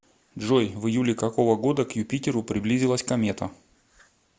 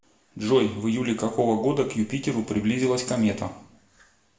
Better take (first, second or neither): first